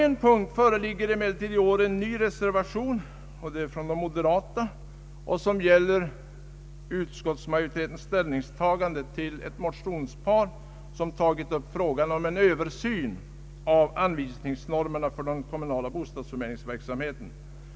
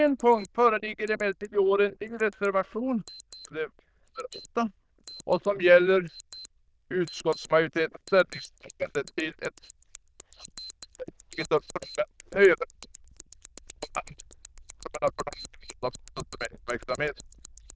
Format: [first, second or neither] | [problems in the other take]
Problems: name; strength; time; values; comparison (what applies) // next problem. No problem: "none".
first | noise reduction (neural diffusion model UNIVERSE++)